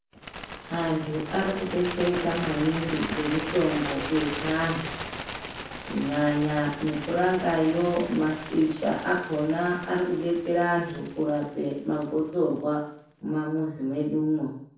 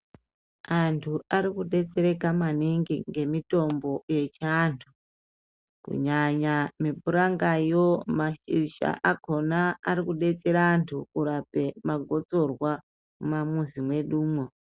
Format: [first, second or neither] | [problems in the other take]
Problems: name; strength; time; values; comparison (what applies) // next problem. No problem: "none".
second | background sound (Bird); 11 dB below the speech // room echo; dies away in 0.6 s